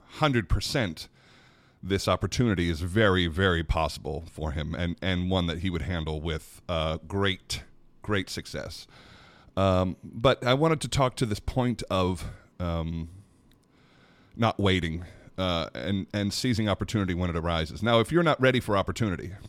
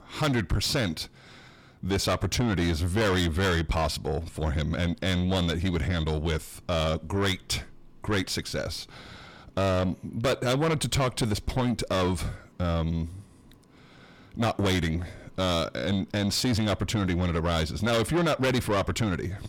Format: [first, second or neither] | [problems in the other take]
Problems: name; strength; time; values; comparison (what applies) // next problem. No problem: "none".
first | distortion; heavy; 6 dB below the speech